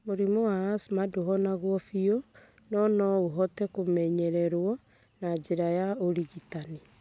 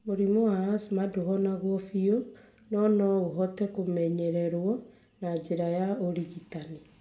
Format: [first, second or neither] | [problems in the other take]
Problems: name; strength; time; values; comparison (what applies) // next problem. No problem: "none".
first | room echo; dies away in 0.5 s